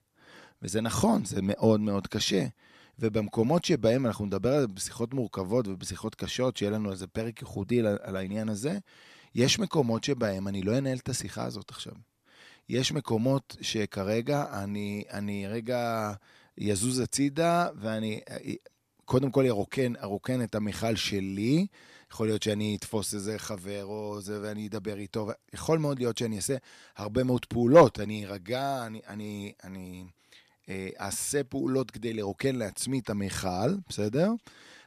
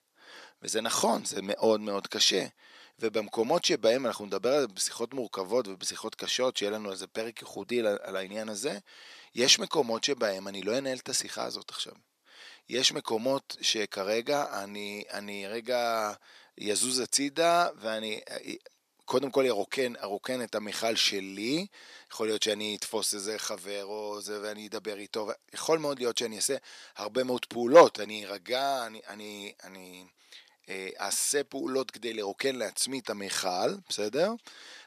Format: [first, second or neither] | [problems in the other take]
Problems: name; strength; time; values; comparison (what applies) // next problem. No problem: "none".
first | thin; somewhat; fading below 400 Hz